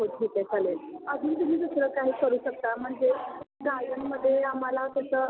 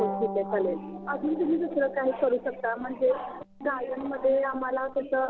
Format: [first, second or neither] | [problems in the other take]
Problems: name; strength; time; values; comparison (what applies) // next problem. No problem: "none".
first | background sound (Bowed string instrument); 13 dB below the speech